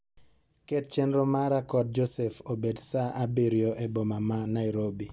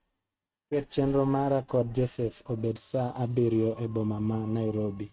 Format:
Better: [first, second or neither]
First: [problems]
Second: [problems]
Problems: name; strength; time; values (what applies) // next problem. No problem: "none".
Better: first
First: none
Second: noise reduction (neural mask model RNNoise)